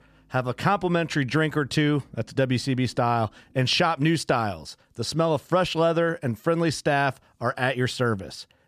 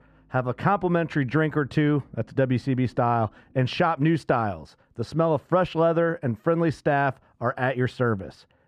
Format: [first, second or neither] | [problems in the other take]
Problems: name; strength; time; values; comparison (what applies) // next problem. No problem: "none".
first | muffled; slightly; fading above 3 kHz